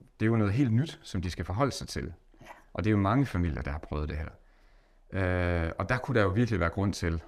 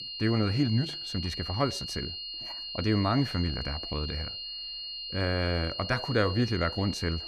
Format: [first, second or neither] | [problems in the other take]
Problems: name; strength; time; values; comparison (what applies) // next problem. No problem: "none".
first | high-pitched whine; loud; throughout; 4 kHz, 6 dB below the speech